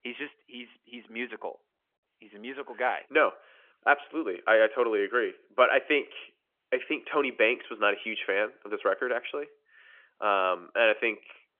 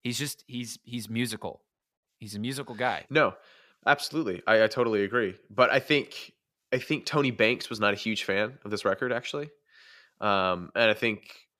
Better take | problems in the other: second | phone-call audio; nothing above 3 kHz

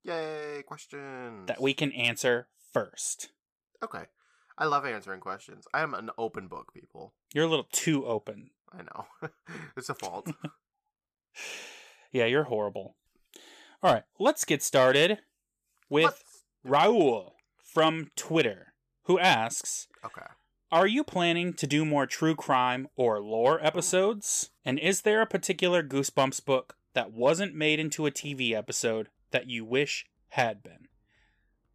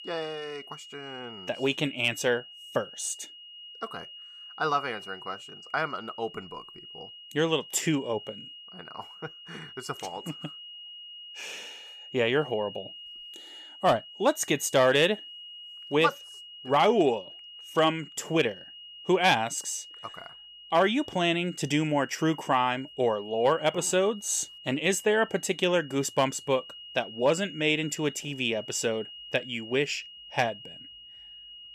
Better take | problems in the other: first | high-pitched whine; noticeable; throughout; 3 kHz, 15 dB below the speech

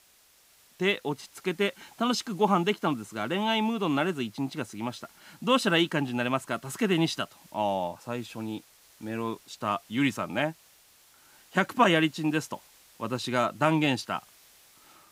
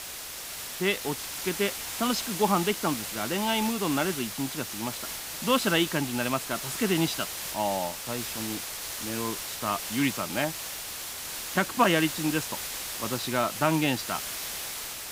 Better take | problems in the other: first | hiss; loud; throughout; 4 dB below the speech; faint in the first

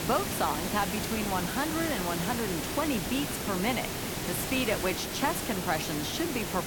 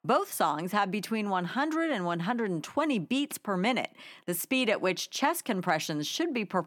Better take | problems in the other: second | hiss; loud; throughout; 1 dB below the speech

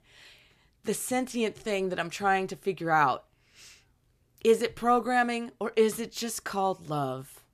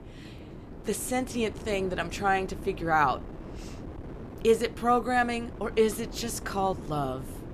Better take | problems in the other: first | wind noise on the microphone; occasional gusts; 20 dB below the speech

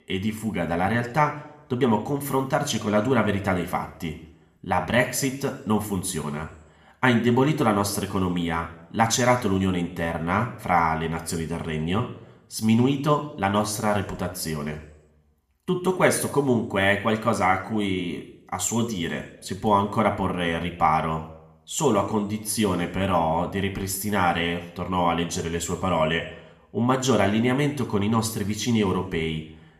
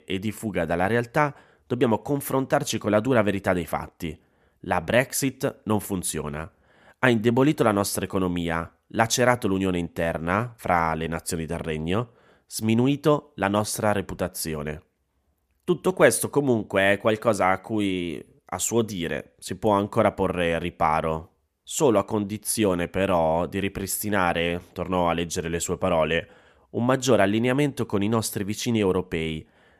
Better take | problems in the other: second | room echo; slight; dies away in 0.6 s

